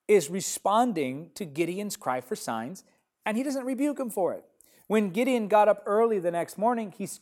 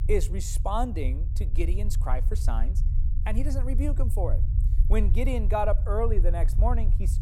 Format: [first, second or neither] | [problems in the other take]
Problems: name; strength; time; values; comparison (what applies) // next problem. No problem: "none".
first | low rumble; noticeable; throughout; 15 dB below the speech